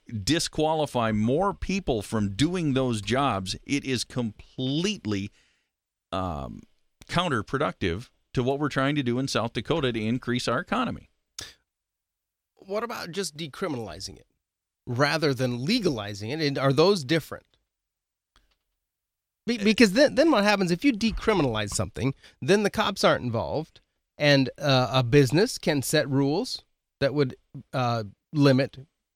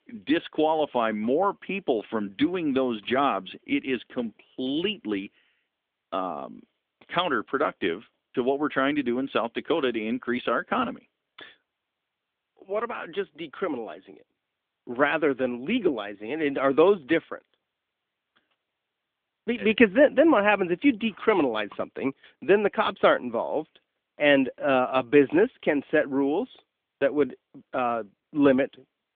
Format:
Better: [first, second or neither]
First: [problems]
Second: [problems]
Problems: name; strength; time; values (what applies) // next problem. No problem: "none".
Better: first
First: none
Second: phone-call audio; nothing above 3.5 kHz